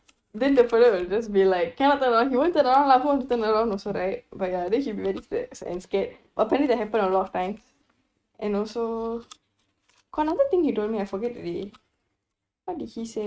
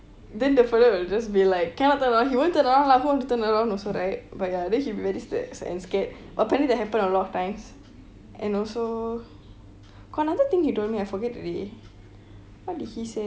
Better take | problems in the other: second | noise reduction (neural mask model RNNoise)

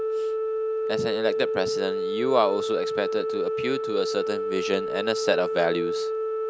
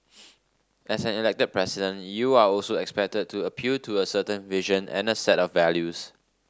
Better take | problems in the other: second | background sound (Organ); 1 dB above the speech

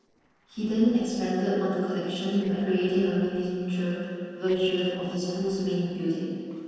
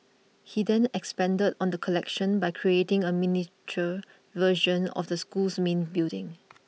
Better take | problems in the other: second | noise reduction (neural separator model SepFormer DNS4)

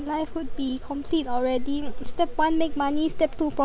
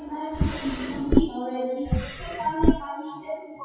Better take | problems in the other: first | noise reduction (classical method WPE with log-MMSE)

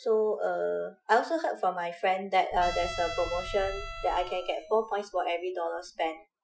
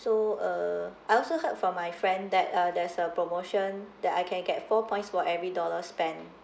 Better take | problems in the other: second | noise reduction (classical method Wiener filter)

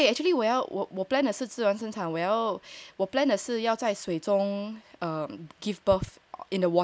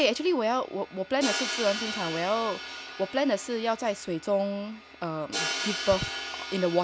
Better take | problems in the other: first | background sound (Crash cymbal); 7 dB below the speech

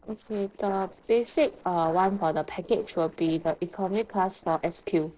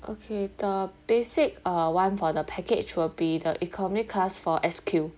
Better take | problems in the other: second | noise reduction (neural separator model SepFormer DNS4)

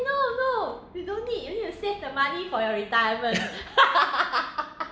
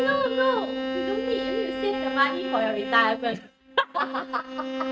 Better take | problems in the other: first | noise reduction (neural mask model RNNoise)

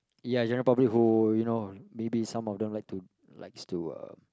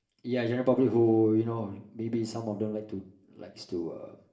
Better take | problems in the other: first | room echo; dies away in 0.5 s

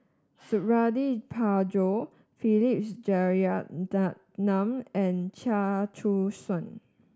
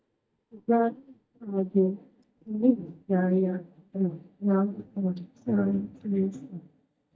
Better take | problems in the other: first | noise reduction (neural mask model DeepFilterNet 3)

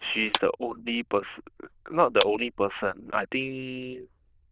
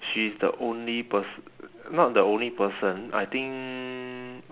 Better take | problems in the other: second | noise reduction (neural diffusion model UNIVERSE++)

